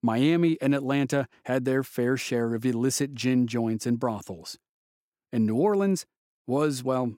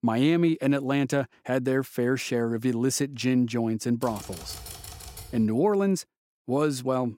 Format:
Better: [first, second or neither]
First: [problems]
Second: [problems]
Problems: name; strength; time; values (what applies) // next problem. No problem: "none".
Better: first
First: none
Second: keyboard typing; faint; from 4 to 5.5 s; peak 15 dB below the speech